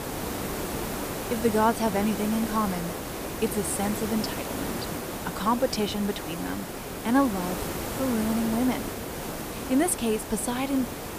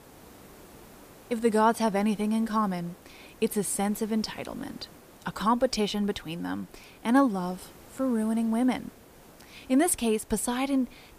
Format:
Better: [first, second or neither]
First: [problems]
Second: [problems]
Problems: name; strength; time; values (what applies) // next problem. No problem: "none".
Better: second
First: hiss; loud; throughout; 5 dB below the speech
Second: hiss; faint; throughout; 25 dB below the speech